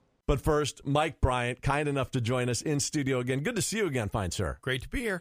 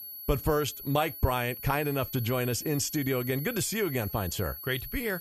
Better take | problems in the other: first | high-pitched whine; loud; throughout; 11.5 kHz, 9 dB below the speech

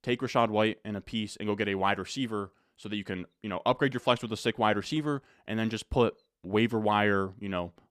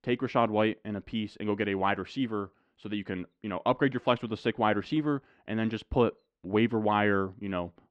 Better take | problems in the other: first | muffled; slightly; fading above 3 kHz

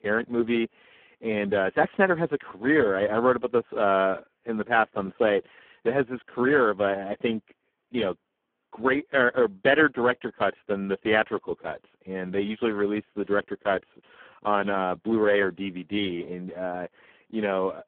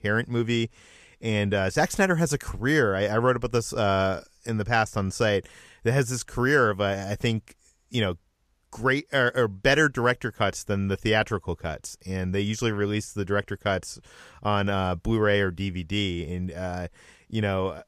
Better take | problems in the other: second | phone-call audio; poor line

